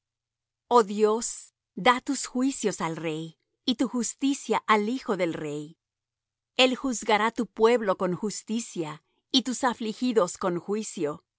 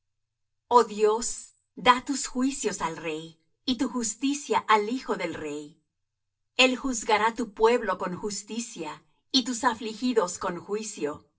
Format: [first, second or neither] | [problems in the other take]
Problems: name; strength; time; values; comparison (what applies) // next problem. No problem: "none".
first | room echo; dies away in 0.2 s